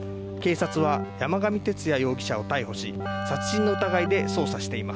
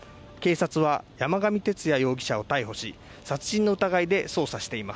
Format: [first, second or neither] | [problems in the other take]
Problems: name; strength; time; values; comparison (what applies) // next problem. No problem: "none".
second | background sound (Keyboard (musical)); 4 dB below the speech